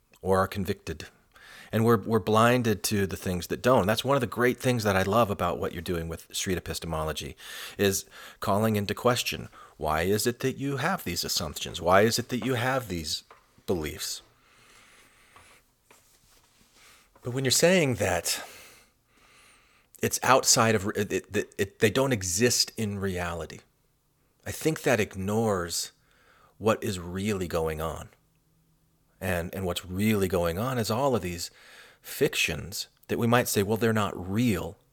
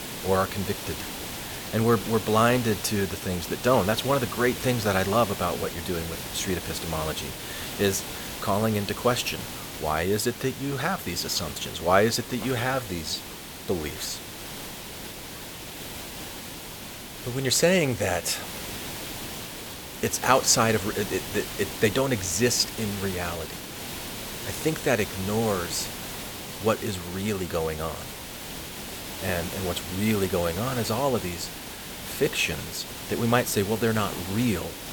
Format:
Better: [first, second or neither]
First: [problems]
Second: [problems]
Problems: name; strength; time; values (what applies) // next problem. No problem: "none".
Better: first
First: none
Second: hiss; loud; throughout; 8 dB below the speech